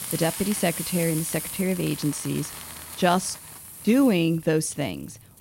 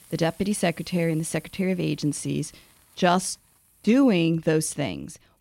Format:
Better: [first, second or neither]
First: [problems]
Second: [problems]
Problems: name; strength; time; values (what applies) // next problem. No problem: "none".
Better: second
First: hiss; loud; throughout; 8 dB below the speech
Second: hiss; faint; throughout; 25 dB below the speech